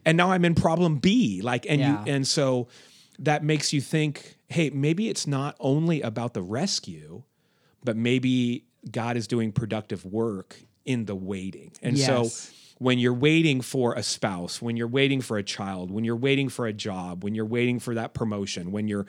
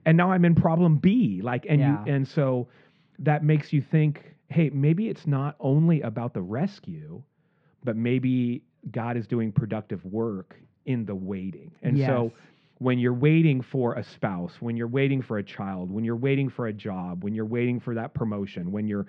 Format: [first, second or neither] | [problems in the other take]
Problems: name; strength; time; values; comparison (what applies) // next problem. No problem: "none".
first | muffled; very; fading above 2 kHz